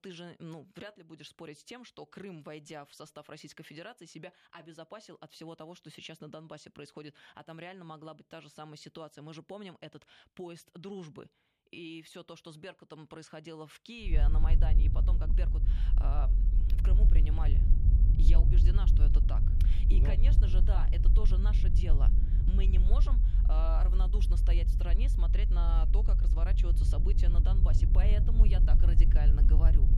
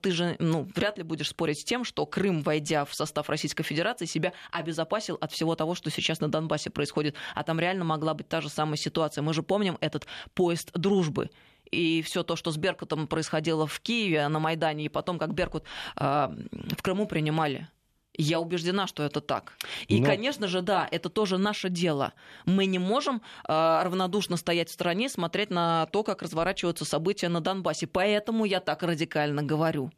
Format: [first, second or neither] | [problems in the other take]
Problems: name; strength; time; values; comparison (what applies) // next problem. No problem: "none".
second | low rumble; loud; from 14 s on; 2 dB below the speech